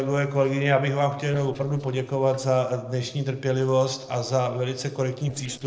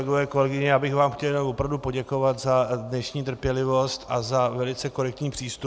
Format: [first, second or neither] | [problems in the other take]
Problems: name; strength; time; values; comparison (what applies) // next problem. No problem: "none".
second | noise reduction (neural separator model SepFormer DNS4)